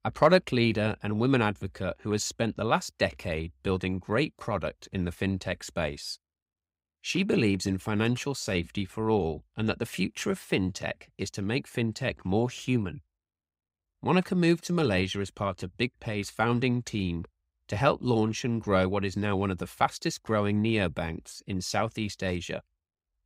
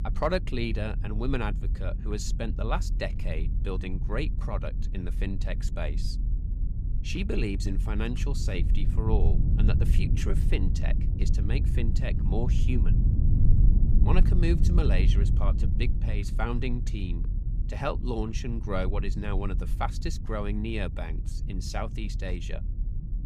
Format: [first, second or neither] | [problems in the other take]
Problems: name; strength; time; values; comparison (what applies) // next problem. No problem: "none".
first | low rumble; loud; throughout; 9 dB below the speech